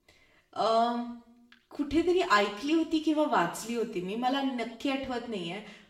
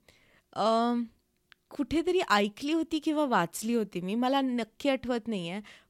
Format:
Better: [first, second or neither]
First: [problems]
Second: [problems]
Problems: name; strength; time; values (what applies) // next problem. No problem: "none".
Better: second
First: room echo; slight; dies away in 0.6 s // off-mic speech; far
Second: none